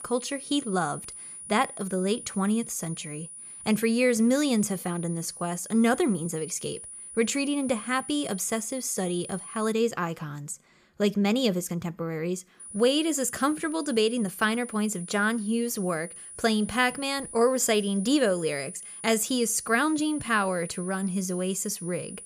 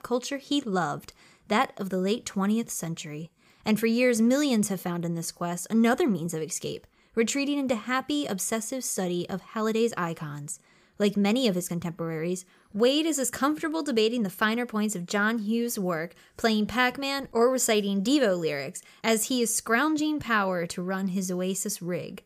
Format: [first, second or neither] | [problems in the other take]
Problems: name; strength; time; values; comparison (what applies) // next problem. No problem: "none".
second | high-pitched whine; noticeable; until 9.5 s and from 13 s on; 9.5 kHz, 10 dB below the speech